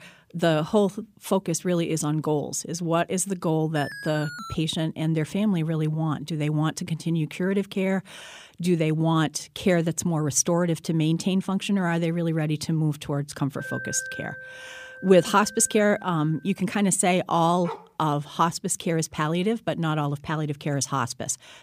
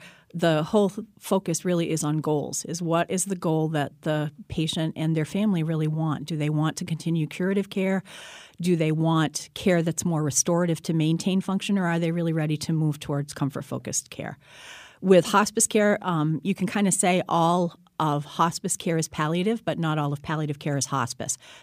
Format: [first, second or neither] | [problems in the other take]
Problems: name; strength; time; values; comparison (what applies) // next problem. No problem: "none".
second | alarm; faint; at 4 s; peak 10 dB below the speech // alarm; noticeable; from 14 to 16 s; peak 8 dB below the speech // dog barking; faint; at 18 s; peak 15 dB below the speech